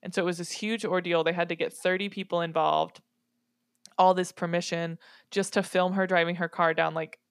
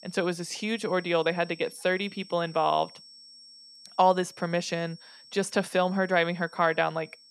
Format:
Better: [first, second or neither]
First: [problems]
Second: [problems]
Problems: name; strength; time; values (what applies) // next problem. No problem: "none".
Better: first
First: none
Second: high-pitched whine; faint; throughout; 5.5 kHz, 20 dB below the speech